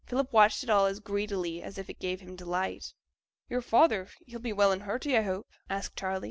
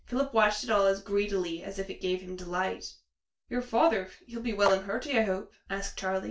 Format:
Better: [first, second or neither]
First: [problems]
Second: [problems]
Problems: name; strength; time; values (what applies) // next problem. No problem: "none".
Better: first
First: none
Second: noise reduction (neural separator model SepFormer DNS4)